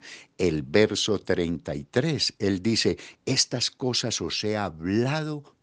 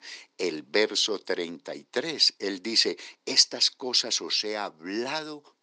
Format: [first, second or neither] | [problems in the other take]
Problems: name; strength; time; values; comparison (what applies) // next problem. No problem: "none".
first | thin; somewhat; fading below 300 Hz